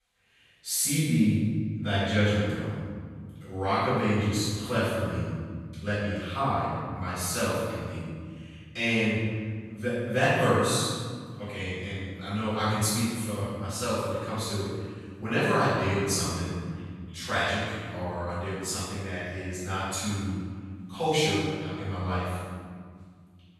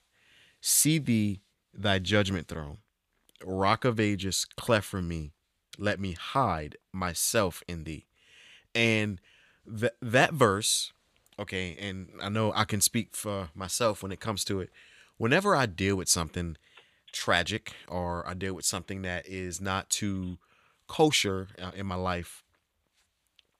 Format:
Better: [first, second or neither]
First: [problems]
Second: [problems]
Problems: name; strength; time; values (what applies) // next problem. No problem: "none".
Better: second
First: off-mic speech; far // room echo; strong; dies away in 2 s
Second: none